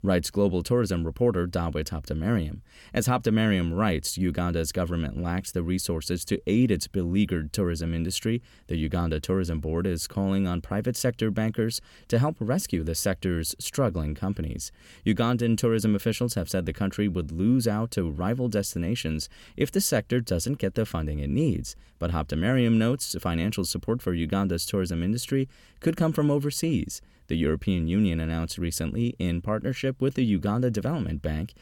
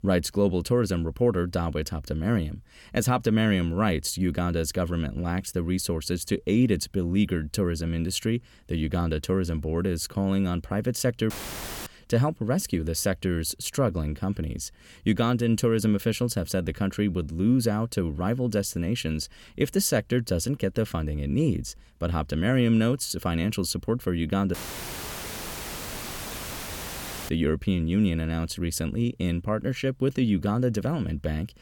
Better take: first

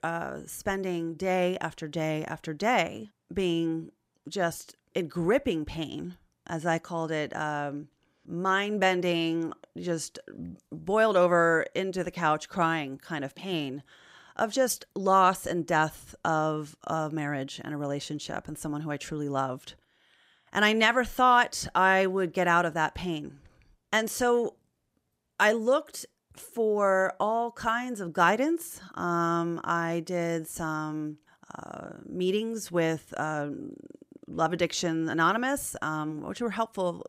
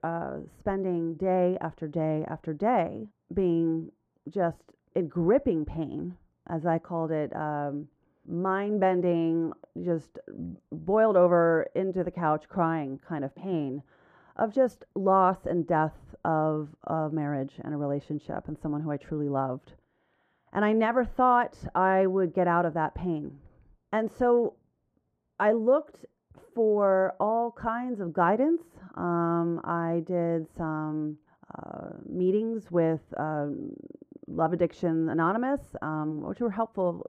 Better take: first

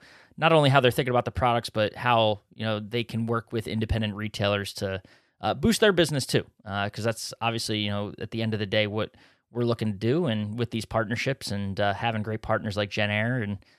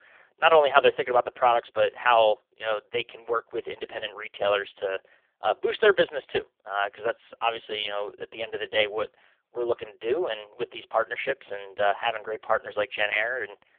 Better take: first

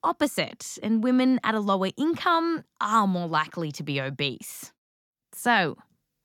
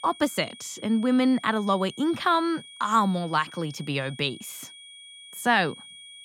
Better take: first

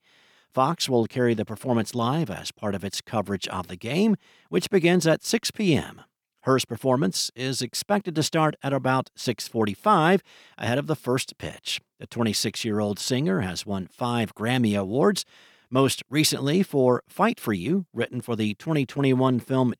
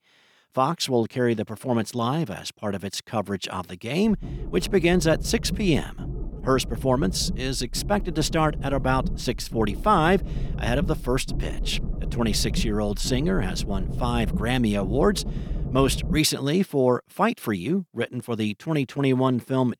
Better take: first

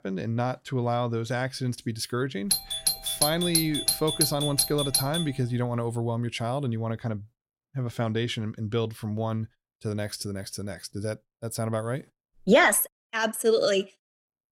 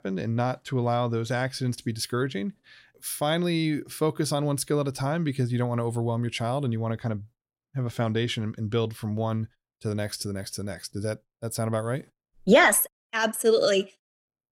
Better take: second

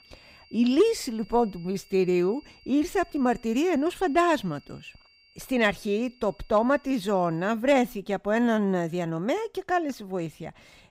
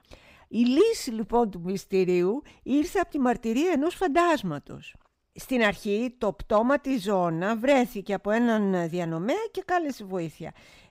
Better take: second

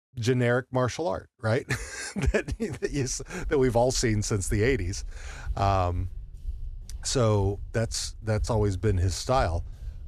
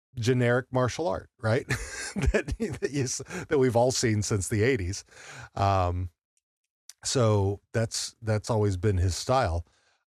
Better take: second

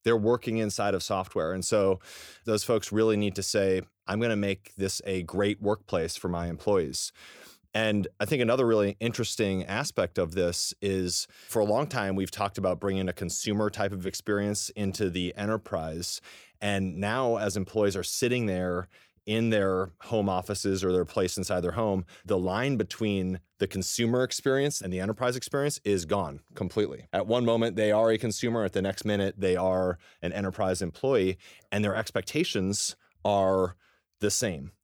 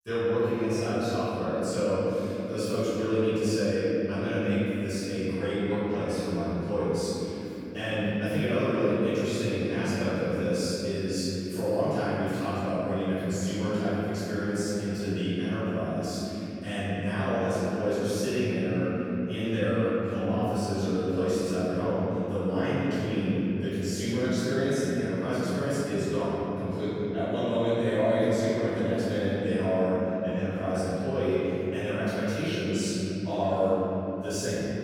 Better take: first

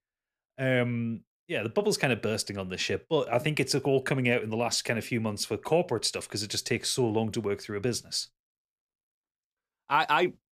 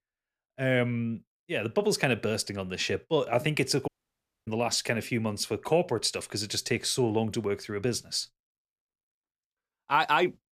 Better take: first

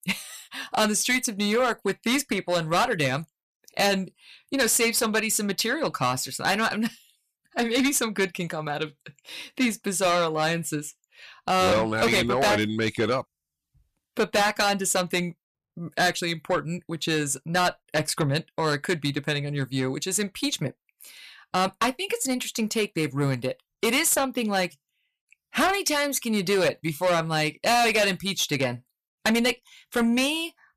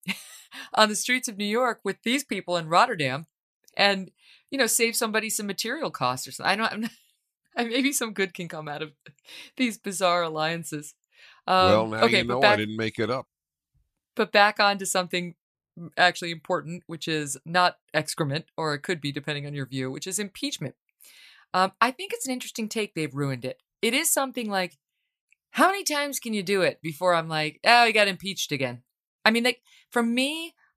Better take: second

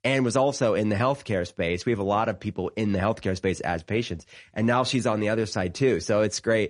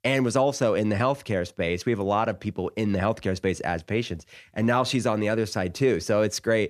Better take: second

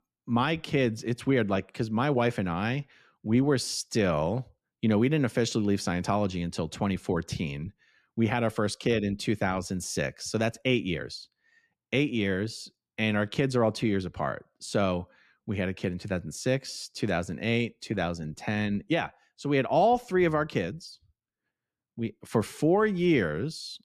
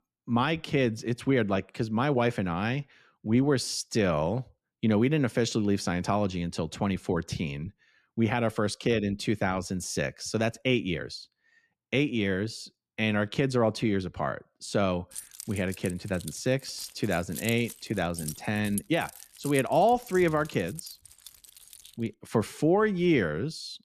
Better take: first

